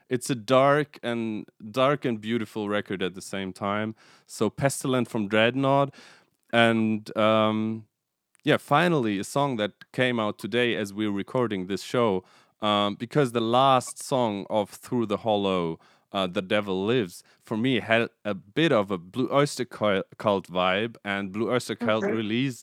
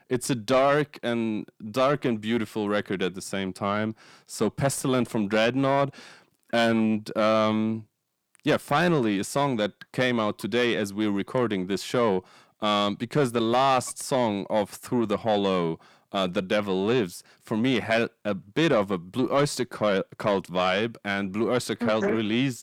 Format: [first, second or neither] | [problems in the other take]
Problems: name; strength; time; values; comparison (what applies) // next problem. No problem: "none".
first | distortion; slight; 10 dB below the speech